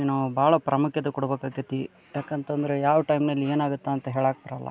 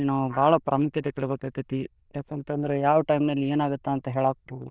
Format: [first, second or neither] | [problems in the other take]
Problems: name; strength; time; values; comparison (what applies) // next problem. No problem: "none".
first | noise reduction (neural diffusion model UNIVERSE++)